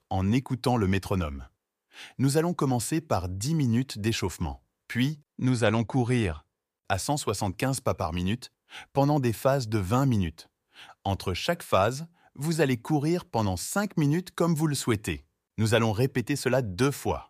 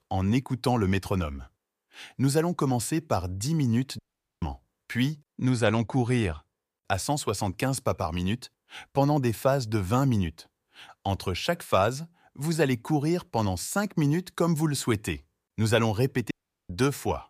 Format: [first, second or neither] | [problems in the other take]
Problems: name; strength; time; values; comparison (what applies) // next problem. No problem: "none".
first | audio cutting out; at 4 s and at 16 s